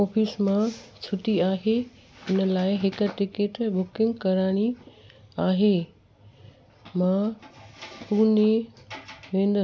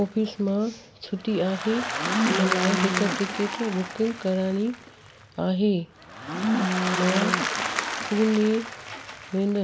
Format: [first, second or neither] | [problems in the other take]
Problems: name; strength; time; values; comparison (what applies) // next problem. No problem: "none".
first | background sound (Livestock, farm animals, working animals + Applause); 2 dB below the speech